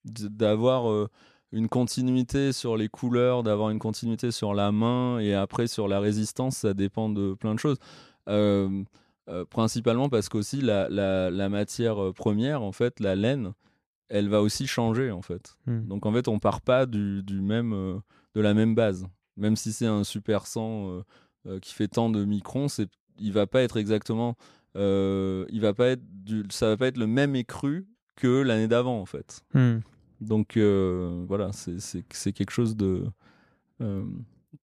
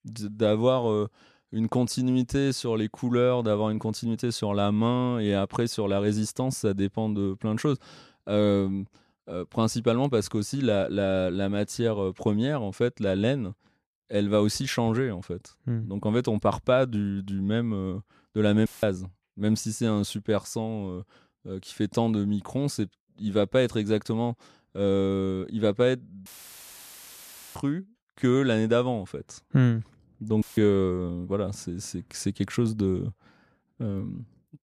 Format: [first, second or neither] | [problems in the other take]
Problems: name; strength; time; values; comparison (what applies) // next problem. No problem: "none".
first | audio cutting out; filled with static; at 19 s, at 26 s for 1.5 s and at 30 s